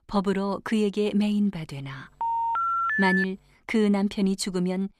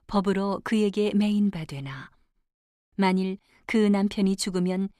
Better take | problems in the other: second | phone ringing; loud; from 2 to 3 s; peak 2 dB above the speech

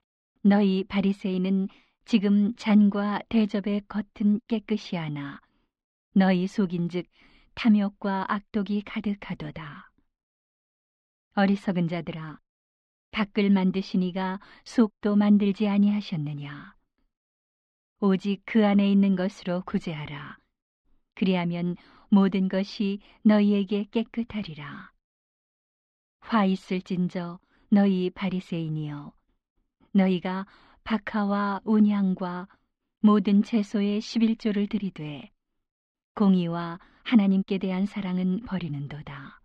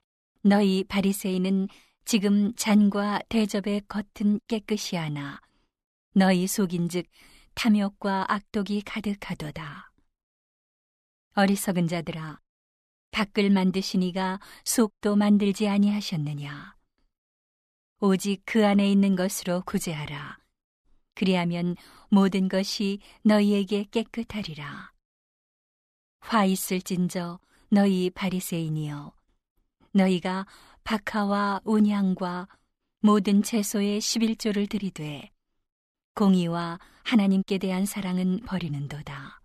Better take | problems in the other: second | muffled; slightly; fading above 3.5 kHz

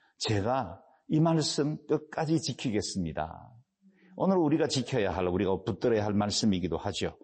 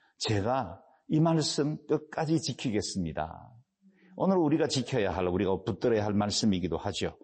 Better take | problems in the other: neither | garbled, watery; slightly; nothing above 8 kHz; the same in both

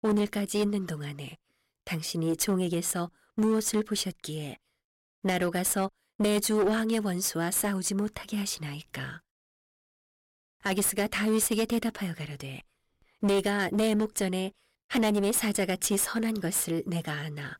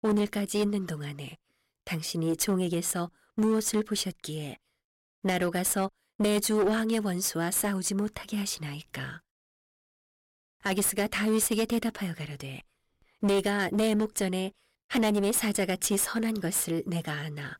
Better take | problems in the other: neither | distortion; slight; 9% of the sound clipped; the same in both

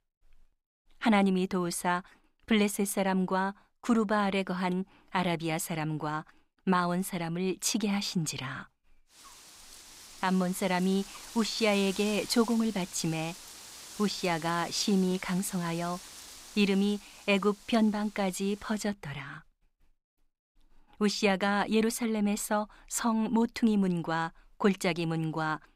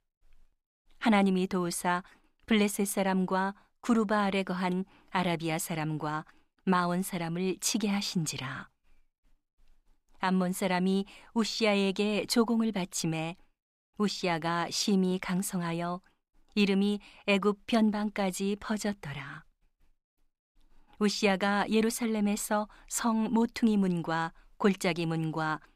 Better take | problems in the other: second | wind noise on the microphone; occasional gusts; from 9 to 19 s; 15 dB below the speech

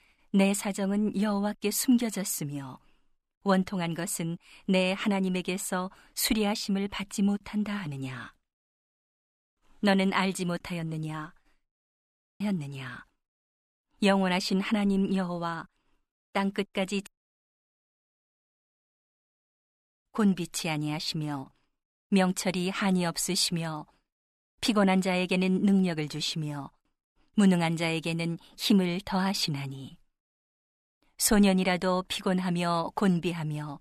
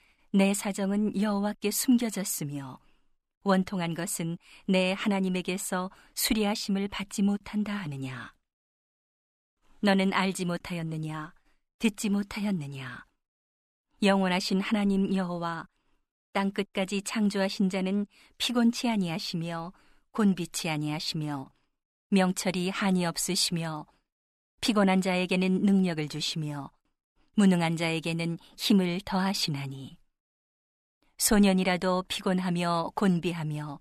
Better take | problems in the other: second | audio cutting out; at 12 s for 1 s and at 17 s for 3 s

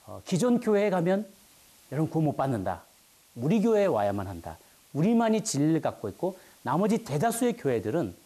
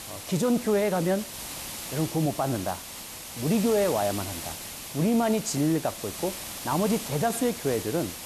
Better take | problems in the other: first | hiss; loud; throughout; 9 dB below the speech; faint in the first

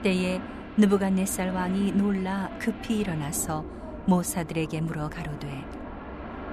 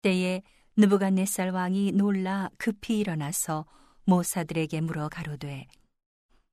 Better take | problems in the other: second | train or aircraft noise; noticeable; throughout; 10 dB below the speech

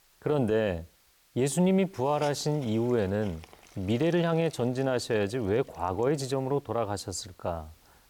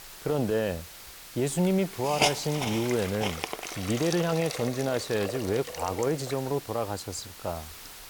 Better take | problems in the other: first | hiss; loud; throughout; 6 dB below the speech; faint in the first

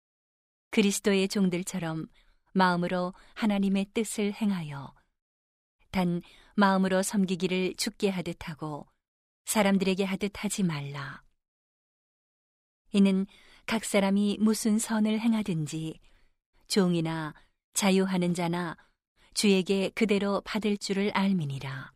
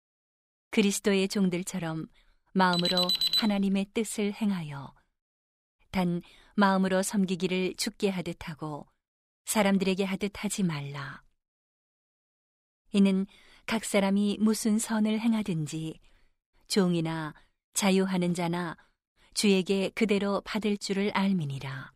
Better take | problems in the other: first | alarm; loud; at 2.5 s; peak 4 dB above the speech

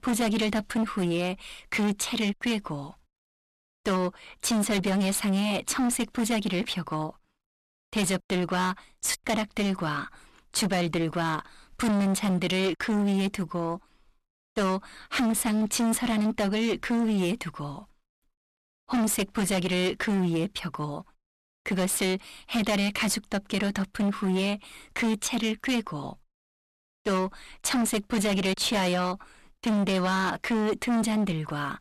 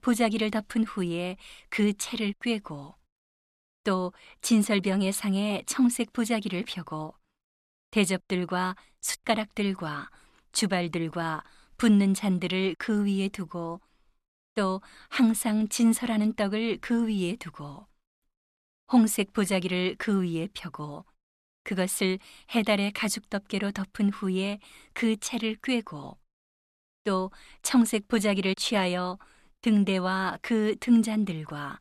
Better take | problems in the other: second | distortion; heavy; 21% of the sound clipped

